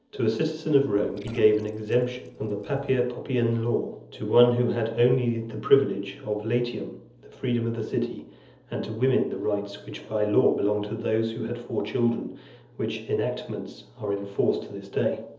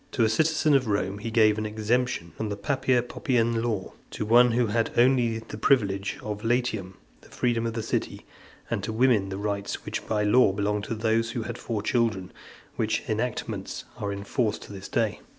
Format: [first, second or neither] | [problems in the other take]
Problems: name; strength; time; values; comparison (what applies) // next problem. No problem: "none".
second | noise reduction (neural separator model SepFormer DNS4)